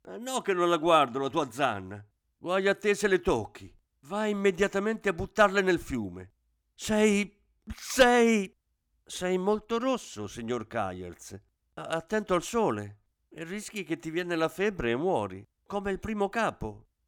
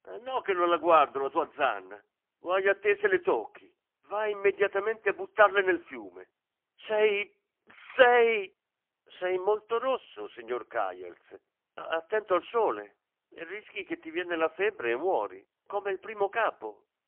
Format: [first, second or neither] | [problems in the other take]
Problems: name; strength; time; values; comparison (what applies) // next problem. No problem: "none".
first | phone-call audio; poor line; nothing above 3 kHz